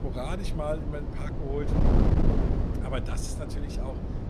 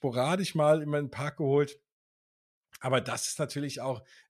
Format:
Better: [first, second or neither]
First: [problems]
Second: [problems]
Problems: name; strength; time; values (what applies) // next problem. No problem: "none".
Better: second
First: wind noise on the microphone; heavy; as loud as the speech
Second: none